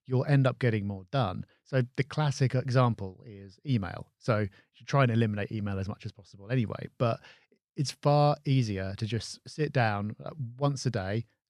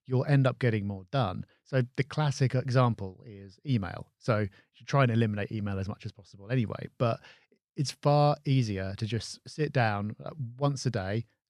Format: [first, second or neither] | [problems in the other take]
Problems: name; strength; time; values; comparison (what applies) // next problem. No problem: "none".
neither | none